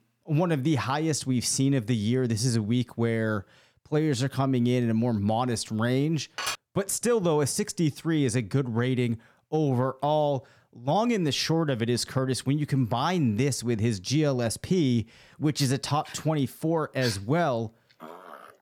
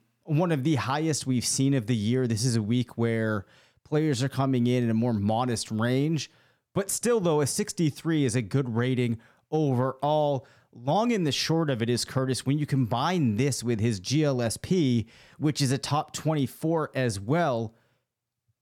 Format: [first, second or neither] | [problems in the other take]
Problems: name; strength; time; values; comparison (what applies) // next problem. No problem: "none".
second | clattering dishes; noticeable; at 6.5 s; peak 5 dB below the speech // dog barking; noticeable; from 16 s on; peak 9 dB below the speech